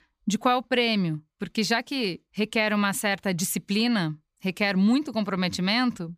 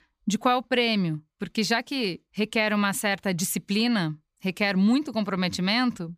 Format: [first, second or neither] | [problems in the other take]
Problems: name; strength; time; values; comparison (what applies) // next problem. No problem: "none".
neither | none